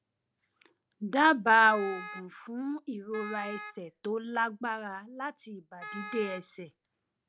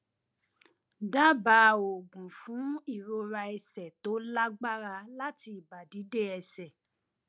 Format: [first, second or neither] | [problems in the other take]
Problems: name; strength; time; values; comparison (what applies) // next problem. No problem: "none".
second | background sound (Wind instrument, woodwind instrument); 13 dB below the speech